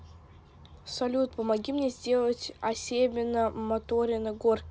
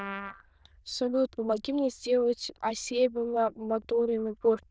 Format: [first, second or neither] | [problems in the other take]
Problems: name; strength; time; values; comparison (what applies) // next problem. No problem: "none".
first | noise reduction (neural diffusion model UNIVERSE++)